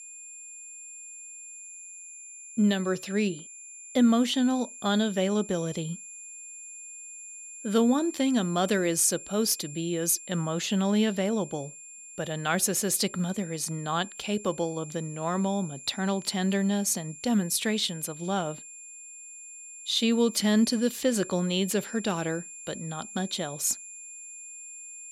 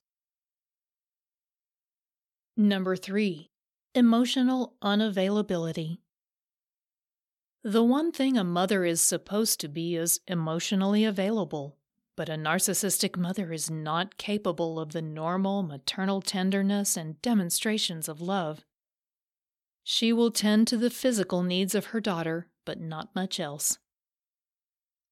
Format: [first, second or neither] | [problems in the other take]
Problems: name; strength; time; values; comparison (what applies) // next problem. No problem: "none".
second | high-pitched whine; noticeable; throughout; 7.5 kHz, 15 dB below the speech